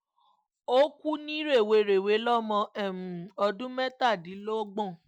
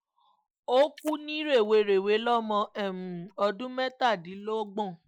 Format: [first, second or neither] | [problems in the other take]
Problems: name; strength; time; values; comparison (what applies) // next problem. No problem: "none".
first | noise reduction (neural mask model Resemble Enhance denoiser)